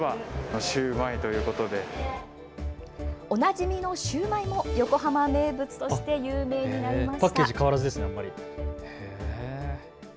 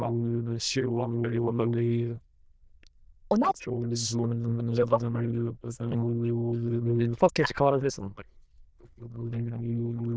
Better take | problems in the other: first | noise reduction (neural diffusion model UNIVERSE++)

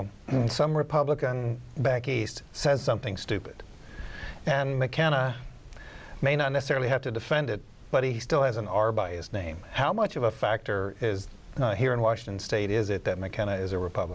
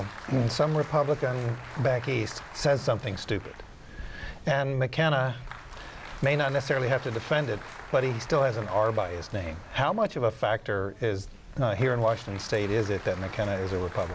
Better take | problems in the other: first | background sound (Applause); 17 dB below the speech

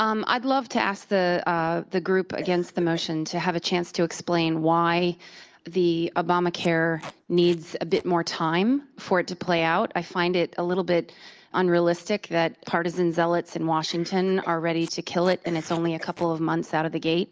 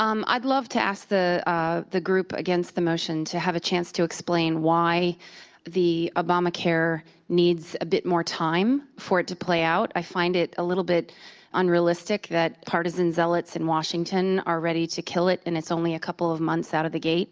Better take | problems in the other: second | noise reduction (neural mask model Resemble Enhance denoiser)

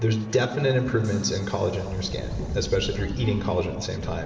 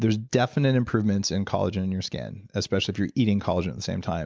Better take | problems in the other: second | background sound (Subway, metro, underground); 10 dB below the speech // room echo; dies away in 2.3 s

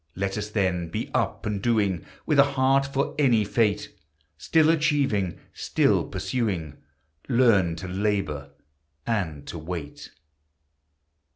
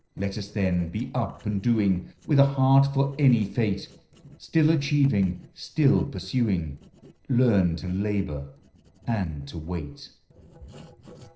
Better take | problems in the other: first | noise reduction (neural separator model SepFormer DNS4)

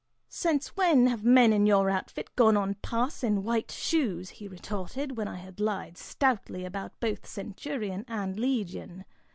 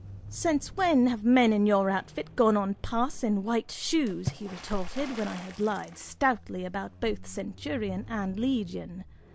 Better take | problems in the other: first | background sound (Squeak + Water / Splash, splatter); 17 dB below the speech

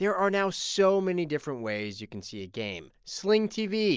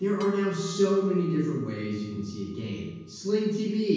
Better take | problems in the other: first | background sound (Harp); 19 dB below the speech // room echo; dies away in 1.2 s

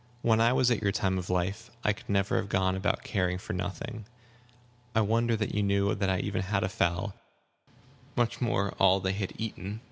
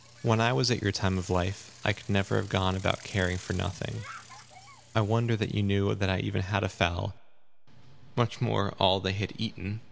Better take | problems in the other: first | background sound (Bicycle); 20 dB below the speech

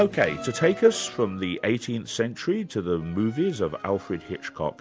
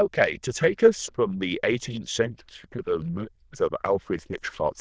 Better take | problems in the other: first | noise reduction (neural diffusion model UNIVERSE++)

